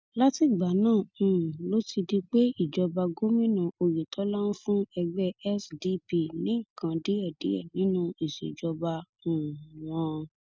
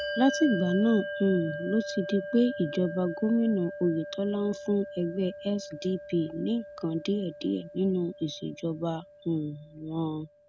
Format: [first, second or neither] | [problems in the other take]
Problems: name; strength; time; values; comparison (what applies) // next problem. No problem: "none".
first | background sound (Bell); 11 dB below the speech